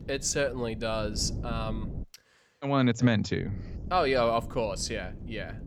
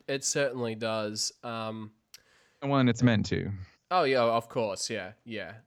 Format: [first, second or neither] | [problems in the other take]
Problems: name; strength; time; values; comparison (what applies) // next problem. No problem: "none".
second | wind noise on the microphone; occasional gusts; until 2 s and from 3.5 s on; 20 dB below the speech